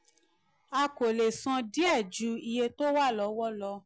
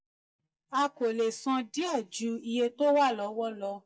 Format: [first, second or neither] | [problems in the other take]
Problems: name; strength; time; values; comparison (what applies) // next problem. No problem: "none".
first | noise reduction (neural mask model DeepFilterNet 3)